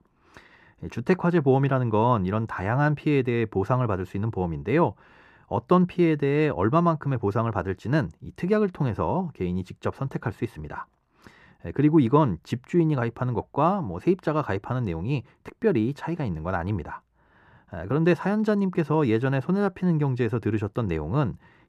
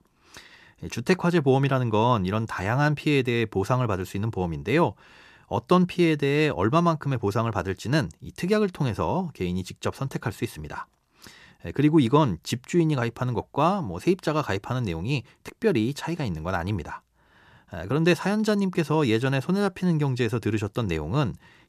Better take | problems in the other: second | muffled; slightly; fading above 3 kHz

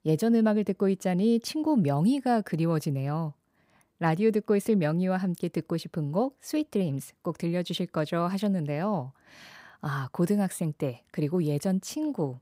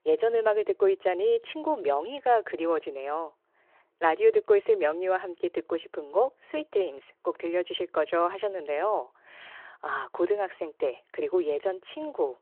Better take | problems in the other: first | phone-call audio

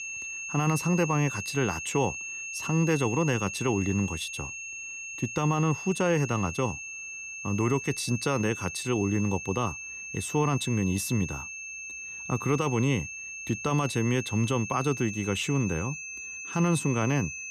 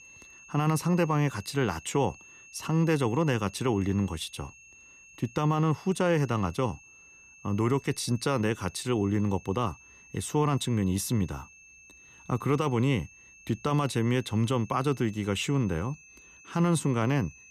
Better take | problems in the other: second | high-pitched whine; loud; throughout; 2.5 kHz, 7 dB below the speech; faint in the second

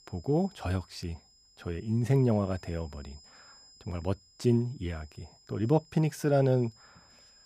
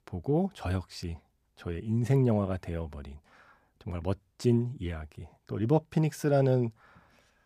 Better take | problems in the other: second | high-pitched whine; faint; throughout; 5 kHz, 25 dB below the speech

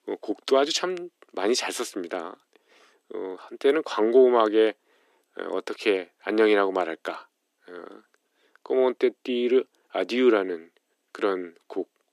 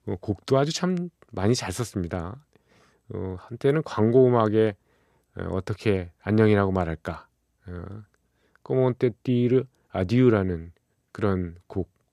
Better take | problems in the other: second | thin; somewhat; fading below 300 Hz

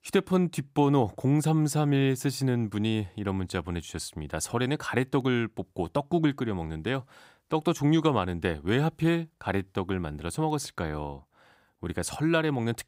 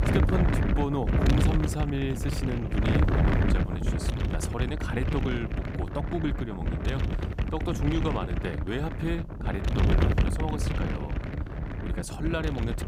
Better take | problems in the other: first | wind noise on the microphone; heavy; as loud as the speech

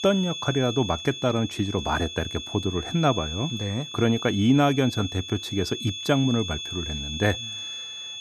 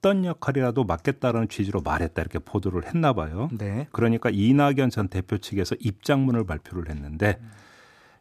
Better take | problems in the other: second | high-pitched whine; loud; throughout; 3.5 kHz, 7 dB below the speech

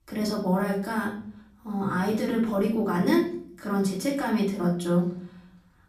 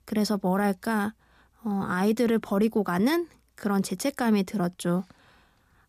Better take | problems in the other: second | room echo; slight; dies away in 0.6 s // off-mic speech; far

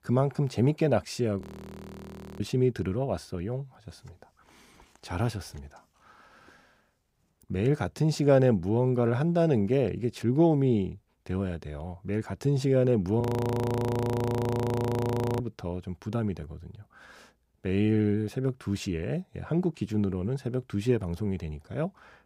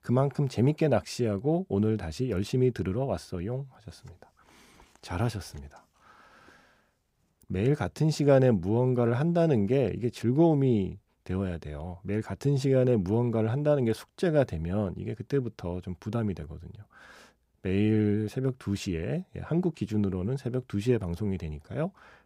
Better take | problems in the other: second | audio freezing; at 1.5 s for 1 s and at 13 s for 2 s

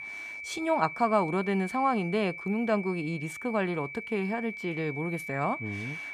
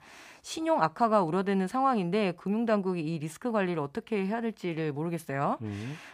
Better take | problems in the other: second | high-pitched whine; loud; throughout; 2.5 kHz, 8 dB below the speech

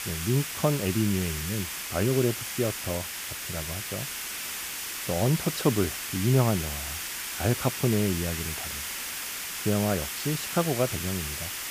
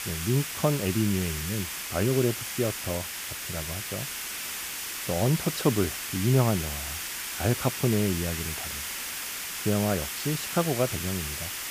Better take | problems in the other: neither | hiss; loud; throughout; 3 dB below the speech; the same in both

